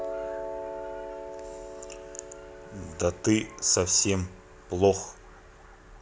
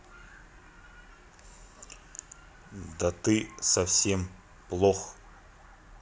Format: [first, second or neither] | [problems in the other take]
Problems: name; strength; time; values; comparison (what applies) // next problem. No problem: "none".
second | background sound (Piano); 11 dB below the speech